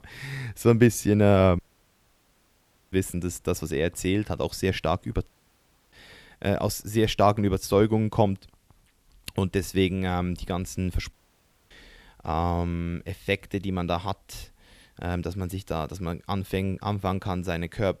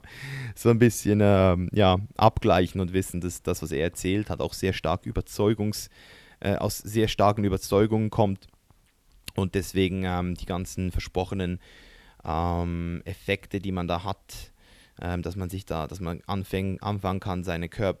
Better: second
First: audio cutting out; at 1.5 s for 1.5 s, at 5.5 s for 0.5 s and at 11 s for 0.5 s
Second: none

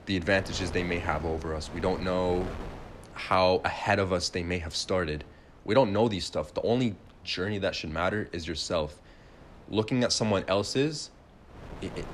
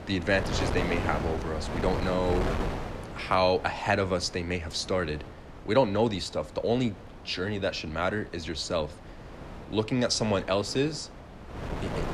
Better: first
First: wind noise on the microphone; occasional gusts; 20 dB below the speech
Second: wind noise on the microphone; heavy; 9 dB below the speech

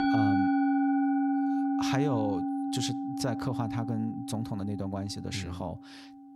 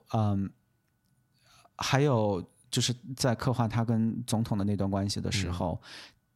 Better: second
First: background music; very loud; throughout; 5 dB above the speech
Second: none

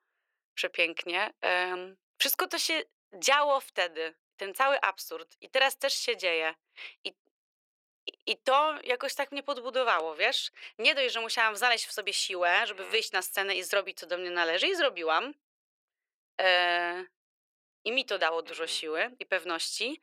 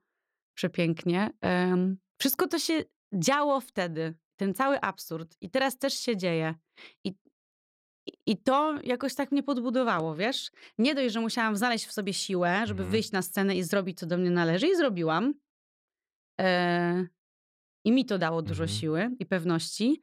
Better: second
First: thin; very; fading below 450 Hz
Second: none

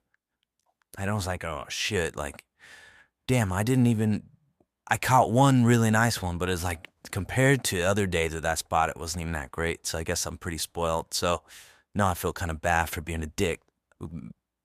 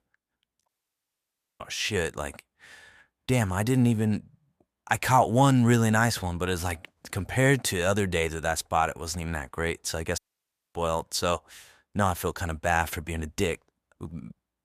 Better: first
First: none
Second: audio cutting out; at 0.5 s for 1 s and at 10 s for 0.5 s

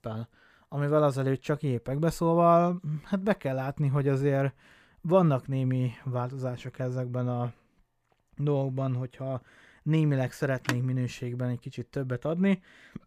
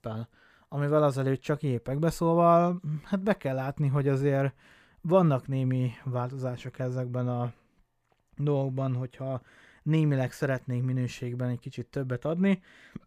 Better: second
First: phone ringing; noticeable; at 11 s; peak 6 dB below the speech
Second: none

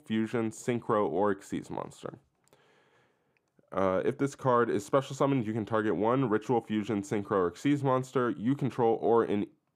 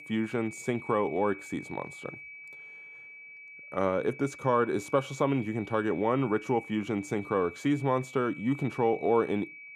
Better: first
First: none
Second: high-pitched whine; noticeable; throughout; 2.5 kHz, 15 dB below the speech

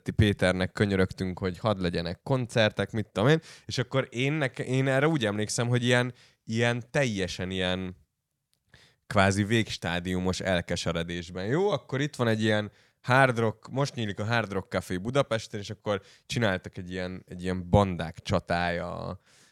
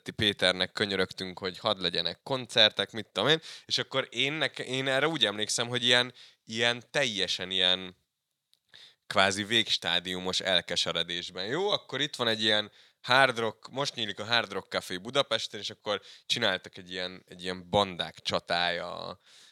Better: first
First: none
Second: thin; somewhat; fading below 1 kHz

